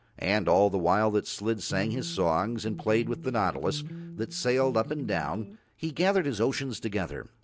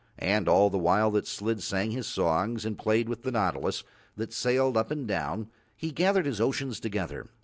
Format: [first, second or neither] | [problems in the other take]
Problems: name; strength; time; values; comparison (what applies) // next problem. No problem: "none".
second | background sound (Electric guitar); 12 dB below the speech